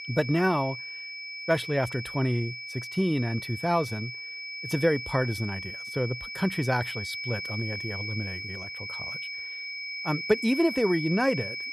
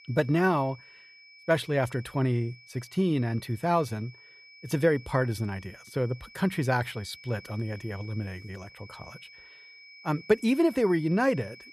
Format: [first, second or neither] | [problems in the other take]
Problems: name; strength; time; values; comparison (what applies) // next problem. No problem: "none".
second | high-pitched whine; loud; throughout; 2.5 kHz, 6 dB below the speech; faint in the second